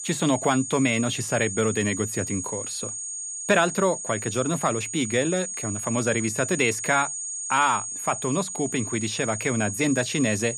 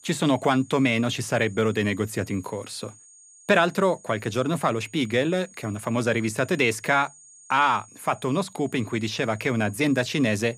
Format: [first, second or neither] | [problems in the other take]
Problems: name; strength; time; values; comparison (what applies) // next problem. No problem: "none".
second | high-pitched whine; loud; throughout; 6.5 kHz, 5 dB below the speech; faint in the second